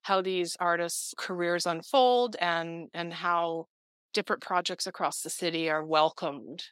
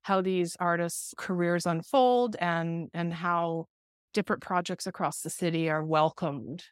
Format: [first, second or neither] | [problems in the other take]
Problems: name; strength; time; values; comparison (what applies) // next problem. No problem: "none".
second | thin; somewhat; fading below 300 Hz